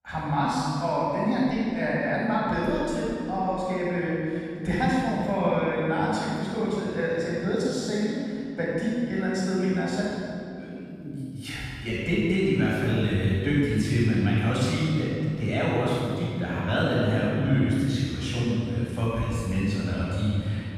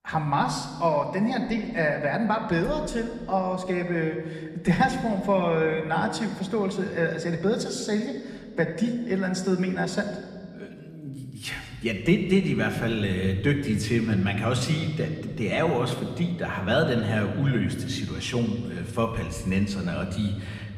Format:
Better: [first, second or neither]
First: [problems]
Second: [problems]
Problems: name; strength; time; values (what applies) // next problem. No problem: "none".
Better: second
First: room echo; strong; dies away in 2.3 s // off-mic speech; far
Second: room echo; slight; dies away in 1.5 s // off-mic speech; somewhat distant